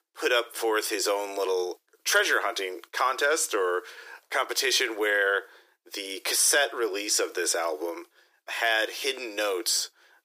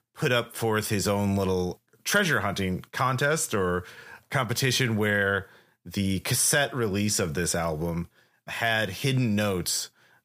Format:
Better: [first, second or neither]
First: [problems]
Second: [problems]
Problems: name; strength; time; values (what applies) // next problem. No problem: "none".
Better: second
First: thin; very; fading below 300 Hz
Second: none